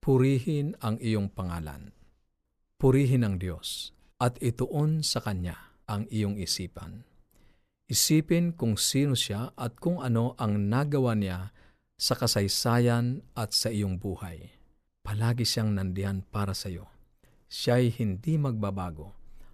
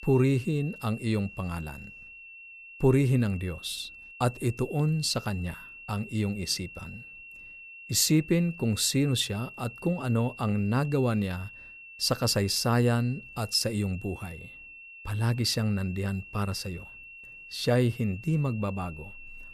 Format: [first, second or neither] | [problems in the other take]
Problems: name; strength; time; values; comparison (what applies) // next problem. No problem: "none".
first | high-pitched whine; noticeable; throughout; 2.5 kHz, 15 dB below the speech